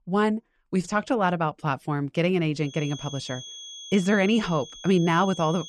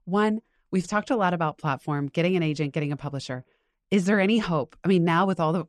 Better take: second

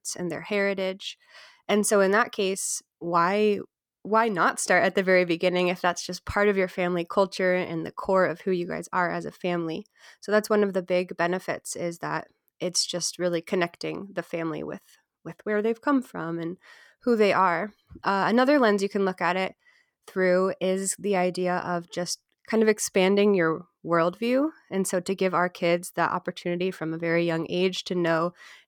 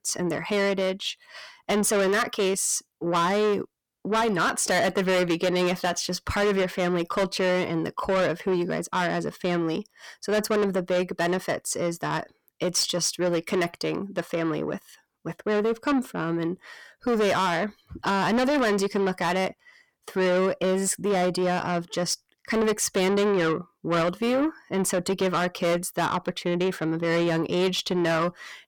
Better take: first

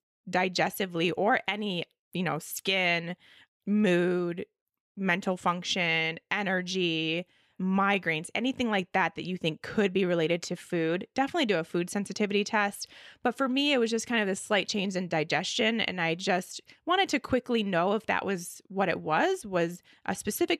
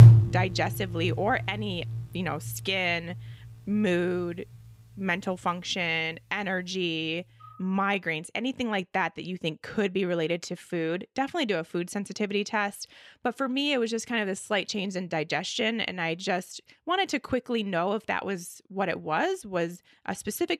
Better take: first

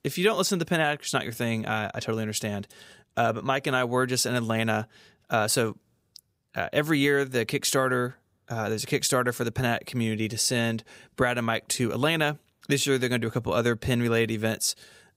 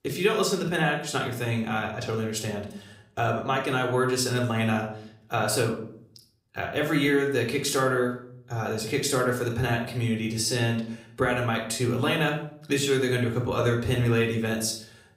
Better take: first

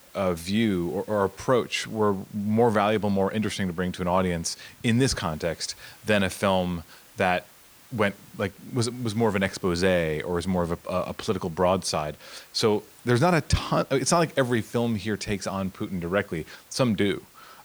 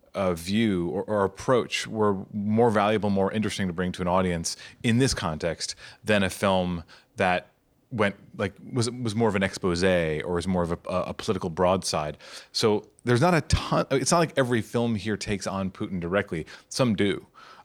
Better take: second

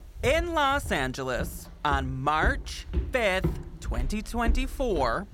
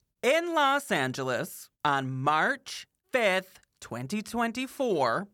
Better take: second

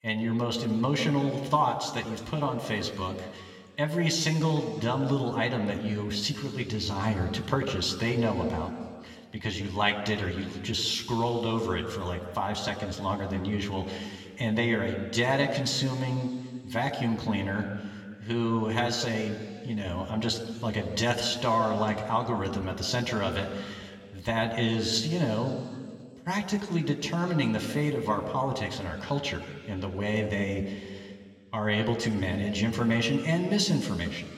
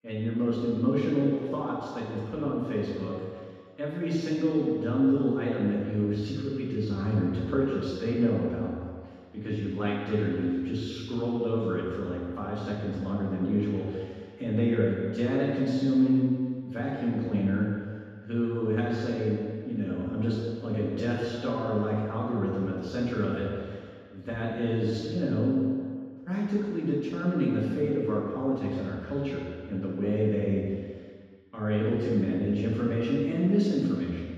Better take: first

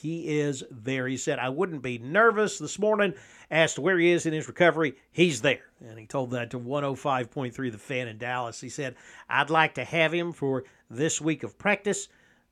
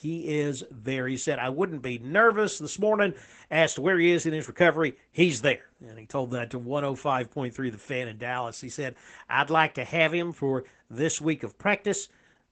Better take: first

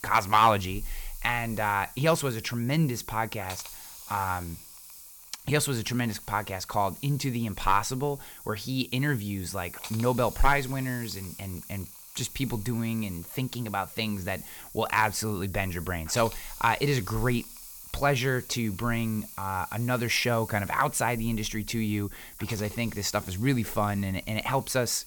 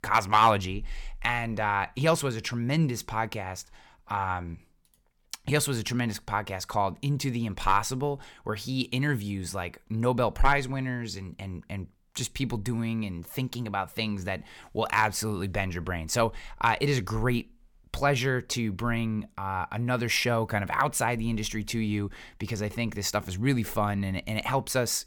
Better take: second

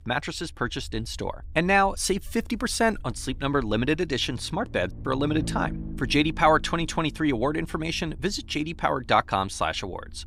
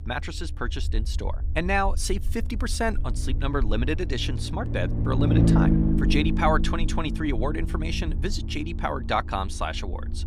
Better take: first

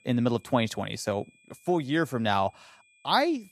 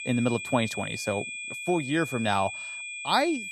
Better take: first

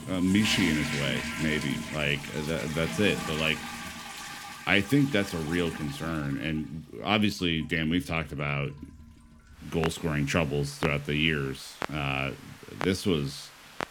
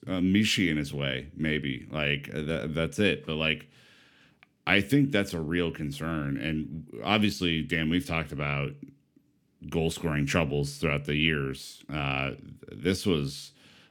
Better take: second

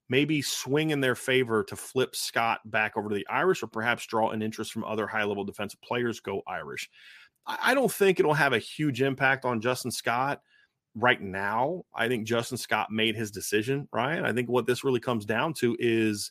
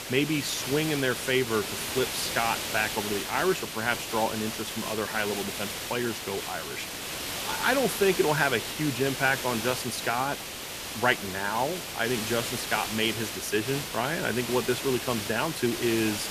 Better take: first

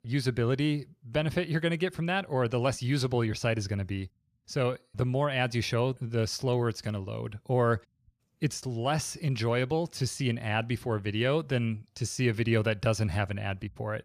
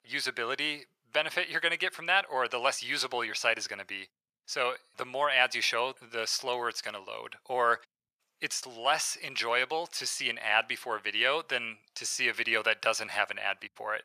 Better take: first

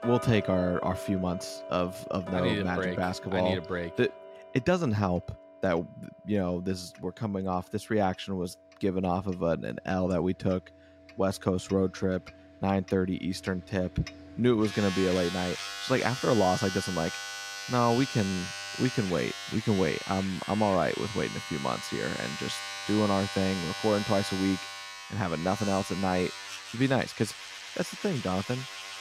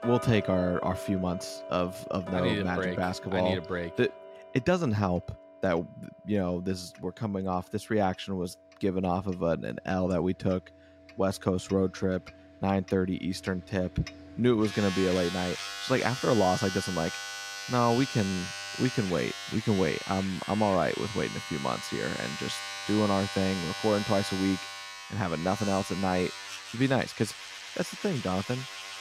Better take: neither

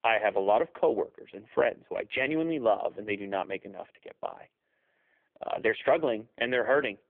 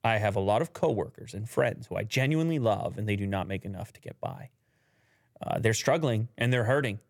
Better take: second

